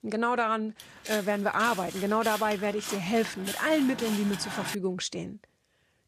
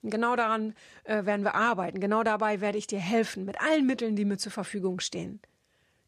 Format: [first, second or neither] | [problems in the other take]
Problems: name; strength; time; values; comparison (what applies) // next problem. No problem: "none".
second | footsteps; noticeable; from 1 to 5 s; peak 6 dB below the speech